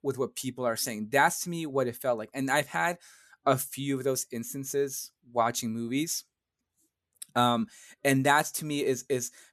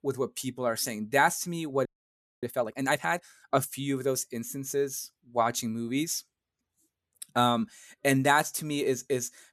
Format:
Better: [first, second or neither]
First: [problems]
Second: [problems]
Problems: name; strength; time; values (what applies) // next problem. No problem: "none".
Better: first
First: none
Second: audio freezing; at 2 s for 0.5 s